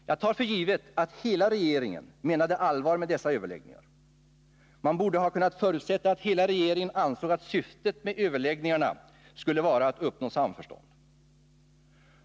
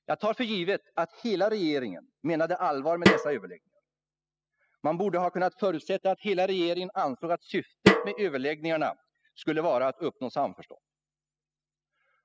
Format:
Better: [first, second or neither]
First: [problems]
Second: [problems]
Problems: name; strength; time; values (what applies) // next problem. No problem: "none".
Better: first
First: none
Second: noise reduction (classical method spectral subtraction)